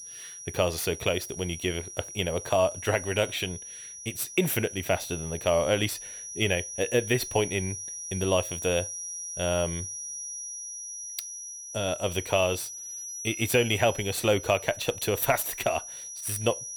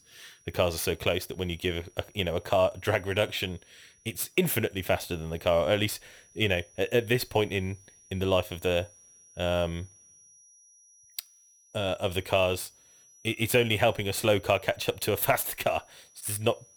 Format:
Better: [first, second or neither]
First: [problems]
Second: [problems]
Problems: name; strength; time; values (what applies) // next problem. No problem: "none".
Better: second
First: high-pitched whine; loud; throughout; 6 kHz, 9 dB below the speech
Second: high-pitched whine; faint; throughout; 6 kHz, 30 dB below the speech